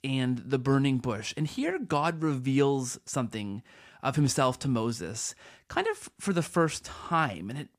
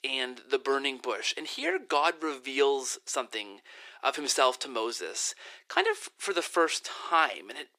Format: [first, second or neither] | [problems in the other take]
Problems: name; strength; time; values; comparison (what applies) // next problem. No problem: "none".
first | thin; very; fading below 350 Hz